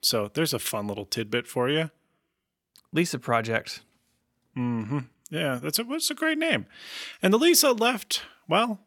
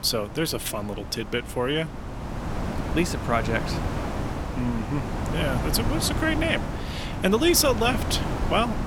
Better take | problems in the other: first | wind noise on the microphone; heavy; 8 dB below the speech

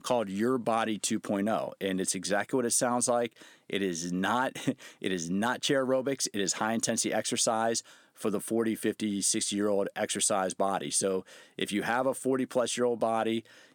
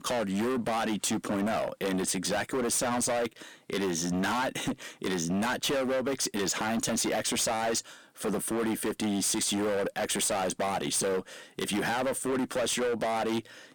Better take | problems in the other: first | distortion; heavy; 26% of the sound clipped

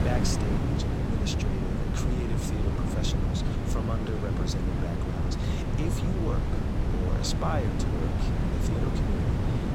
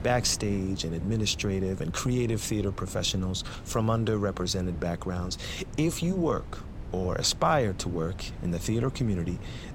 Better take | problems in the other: second | wind noise on the microphone; heavy; 2 dB above the speech; occasional gusts in the second

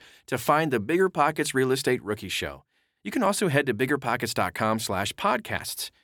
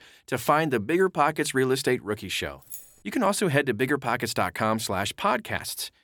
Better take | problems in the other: first | jangling keys; faint; at 2.5 s; peak 15 dB below the speech

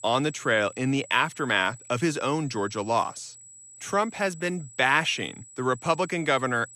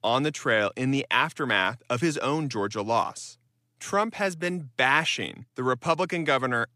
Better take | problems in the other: second | high-pitched whine; noticeable; throughout; 8 kHz, 20 dB below the speech

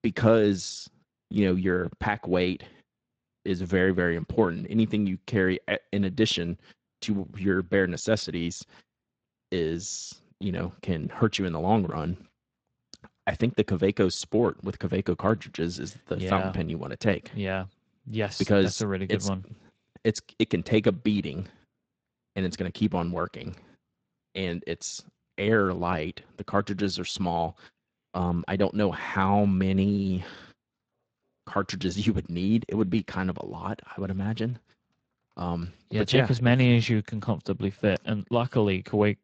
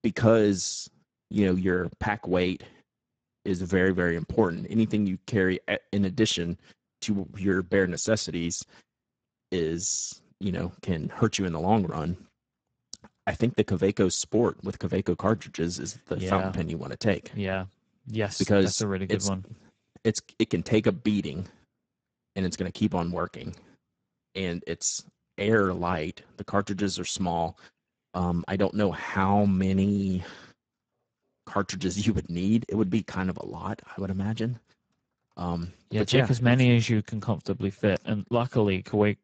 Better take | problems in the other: first | garbled, watery; badly; nothing above 7.5 kHz; slightly in the first

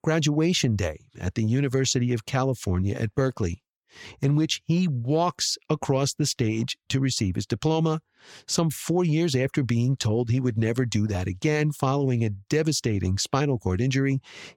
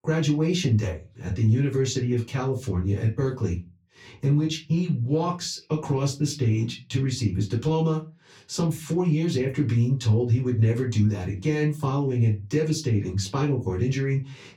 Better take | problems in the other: first | off-mic speech; far // room echo; very slight; dies away in 0.2 s

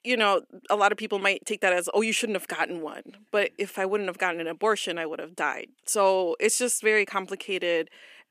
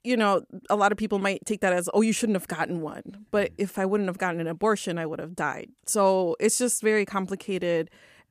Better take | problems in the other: second | thin; somewhat; fading below 300 Hz

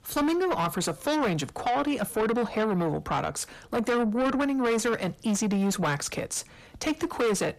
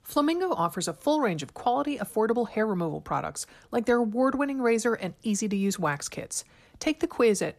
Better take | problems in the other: second | distortion; heavy; 7 dB below the speech

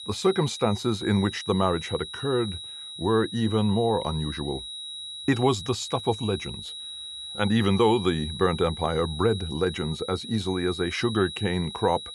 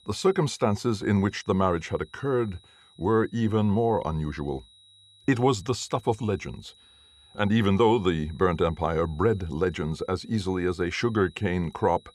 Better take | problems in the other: second | high-pitched whine; loud; throughout; 4 kHz, 10 dB below the speech; faint in the second

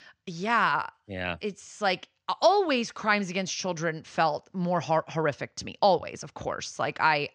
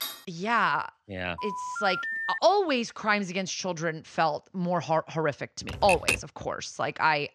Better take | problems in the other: first | clattering dishes; noticeable; at the start; peak 7 dB below the speech // phone ringing; noticeable; from 1.5 to 2.5 s; peak 2 dB below the speech // keyboard typing; loud; at 5.5 s; peak 2 dB above the speech

